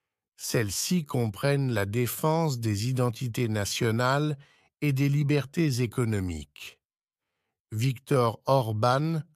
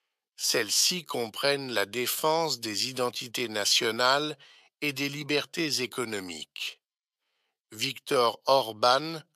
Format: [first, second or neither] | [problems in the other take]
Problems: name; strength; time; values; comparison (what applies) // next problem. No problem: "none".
first | thin; somewhat; fading below 400 Hz